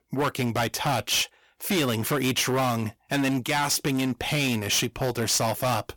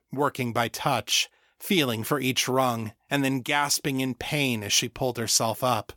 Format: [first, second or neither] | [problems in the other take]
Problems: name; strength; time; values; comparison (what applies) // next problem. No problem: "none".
second | distortion; heavy; 16% of the sound clipped